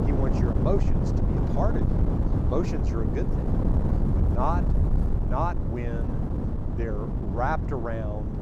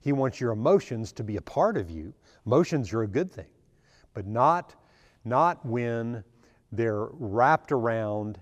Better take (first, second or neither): second